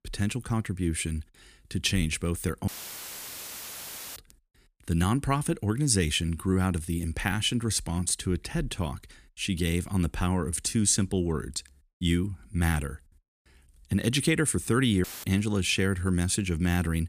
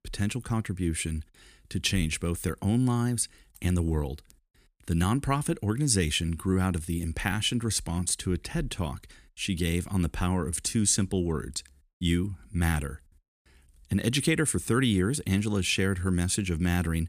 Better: second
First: audio cutting out; filled with static; at 2.5 s for 1.5 s and at 15 s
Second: none

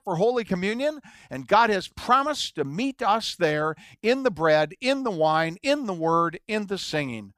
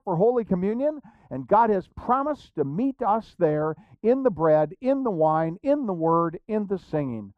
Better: first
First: none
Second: muffled; very; fading above 1.5 kHz

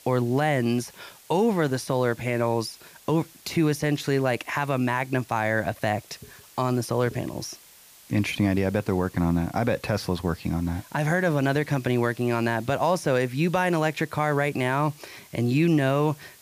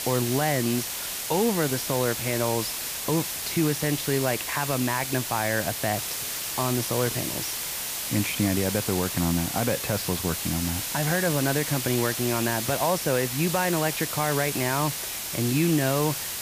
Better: first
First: hiss; faint; throughout; 25 dB below the speech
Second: hiss; loud; throughout; 2 dB below the speech

